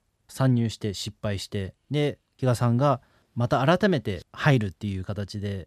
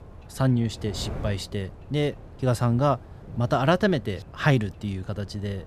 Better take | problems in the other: first | wind noise on the microphone; occasional gusts; 20 dB below the speech

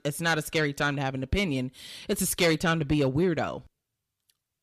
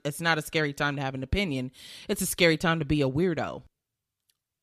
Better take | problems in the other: second | distortion; slight; 10 dB below the speech

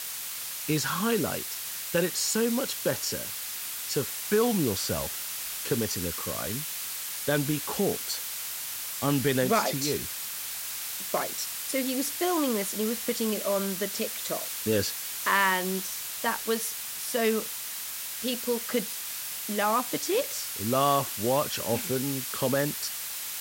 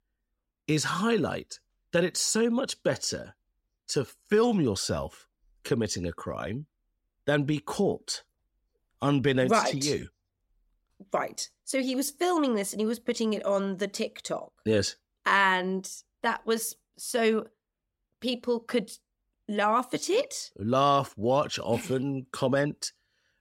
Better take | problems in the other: second | hiss; loud; throughout; 3 dB below the speech

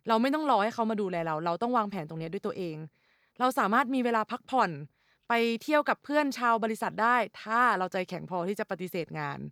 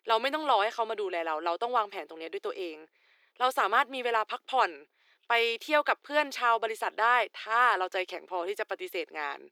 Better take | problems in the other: first | thin; very; fading below 350 Hz

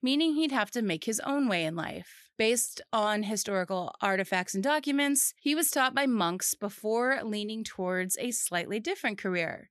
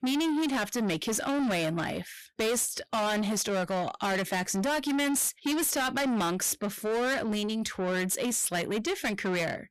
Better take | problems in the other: first | distortion; heavy; 7 dB below the speech

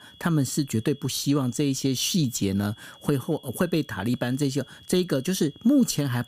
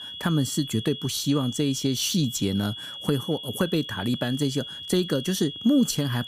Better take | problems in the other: first | high-pitched whine; loud; throughout; 3.5 kHz, 9 dB below the speech; faint in the first

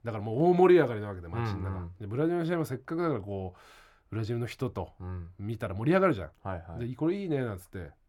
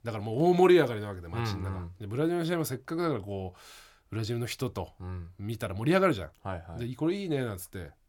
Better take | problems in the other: second | muffled; slightly; fading above 3 kHz

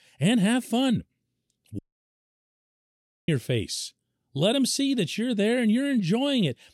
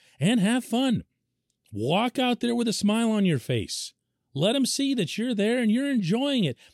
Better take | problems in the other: second | audio cutting out; at 2 s for 1.5 s

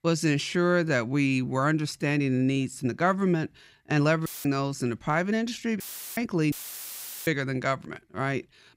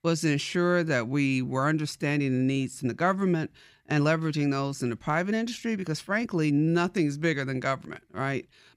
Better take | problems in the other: second | audio cutting out; filled with static; at 4.5 s, at 6 s and at 6.5 s for 1 s

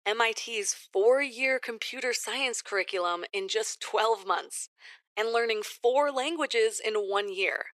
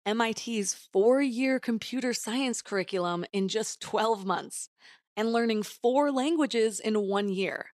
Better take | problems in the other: second | thin; very; fading below 400 Hz

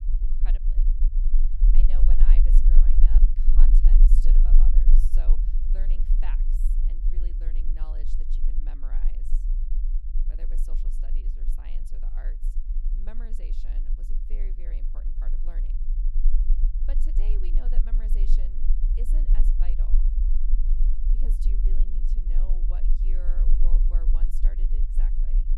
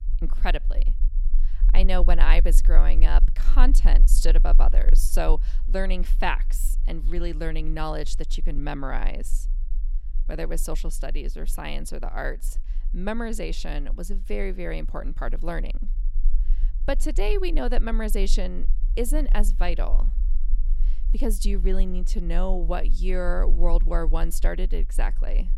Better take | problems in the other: second | low rumble; loud; throughout; as loud as the speech; faint in the second

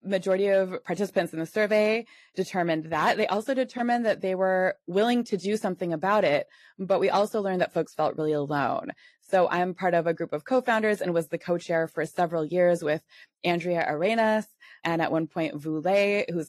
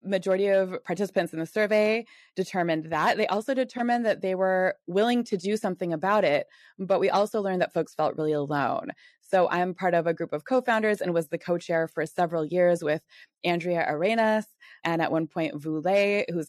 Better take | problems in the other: second | garbled, watery; slightly; nothing above 13.5 kHz

